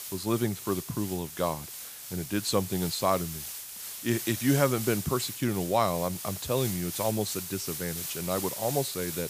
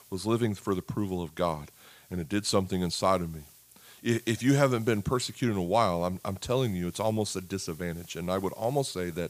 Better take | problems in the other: second | hiss; loud; throughout; 6 dB below the speech; faint in the second

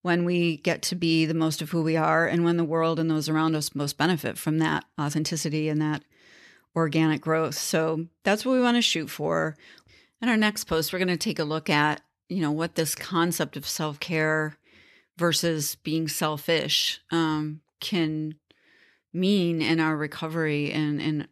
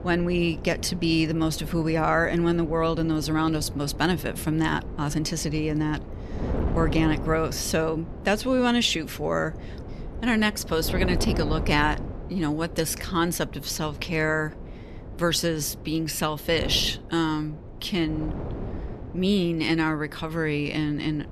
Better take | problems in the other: first | wind noise on the microphone; occasional gusts; 15 dB below the speech

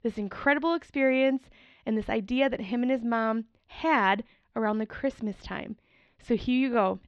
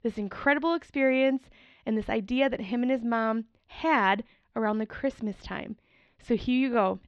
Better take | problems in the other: neither | muffled; slightly; fading above 4 kHz; the same in both

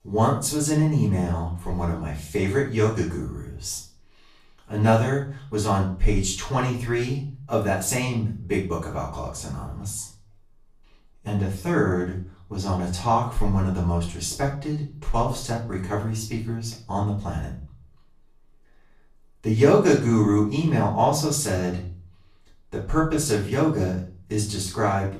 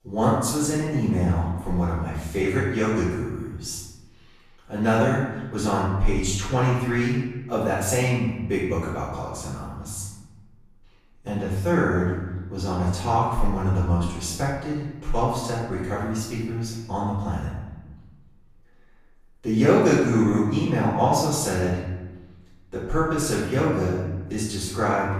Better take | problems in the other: first | room echo; strong; dies away in 1.1 s; slight in the first // off-mic speech; far; far in the first

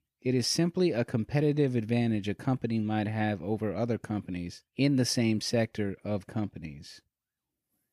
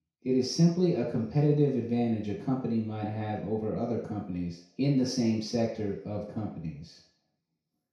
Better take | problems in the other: first | room echo; noticeable; dies away in 0.6 s // off-mic speech; far

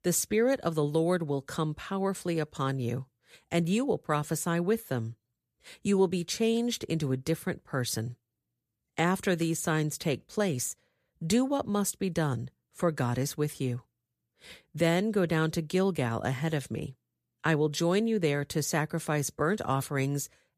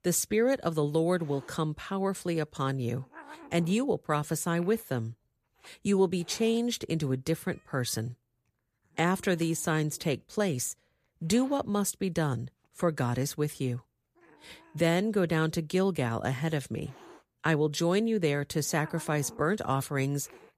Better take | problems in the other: first | hiss; faint; throughout; 25 dB below the speech

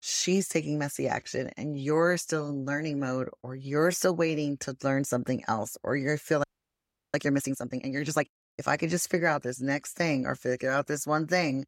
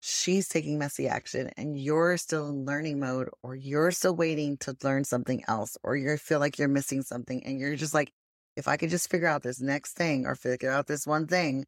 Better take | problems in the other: second | audio freezing; at 6.5 s for 0.5 s

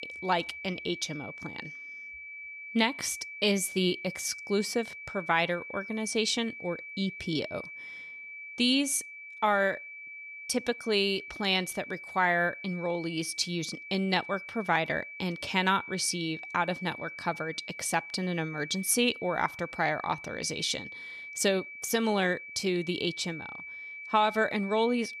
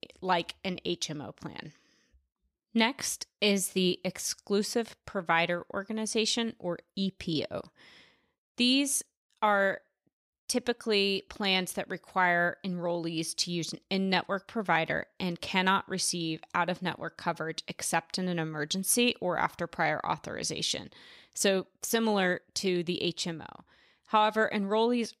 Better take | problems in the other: second | high-pitched whine; noticeable; throughout; 2.5 kHz, 10 dB below the speech

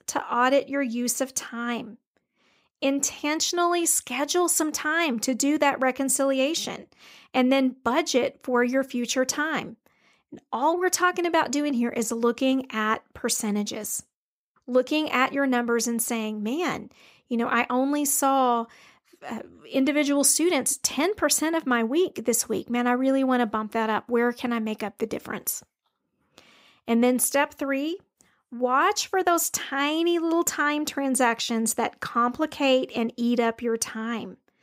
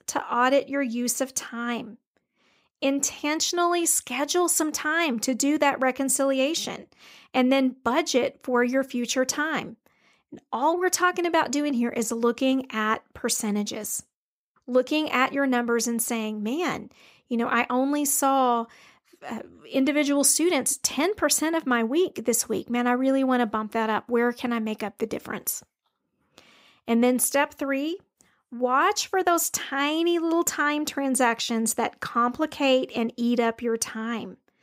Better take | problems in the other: neither | none

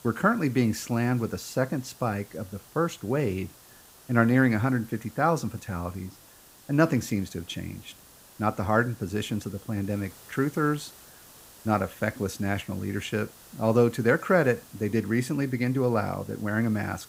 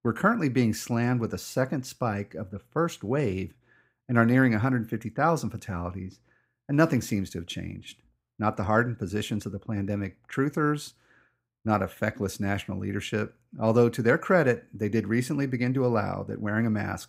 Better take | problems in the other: second | hiss; faint; throughout; 20 dB below the speech

